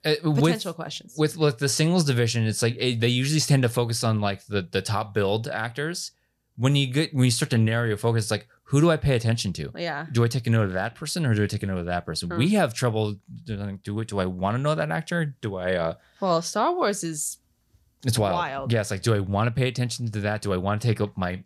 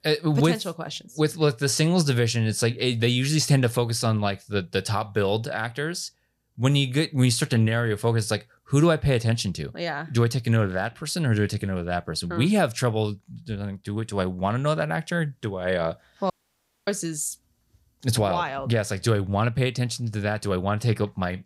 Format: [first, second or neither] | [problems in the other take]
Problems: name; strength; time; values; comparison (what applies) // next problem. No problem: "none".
first | audio cutting out; at 16 s for 0.5 s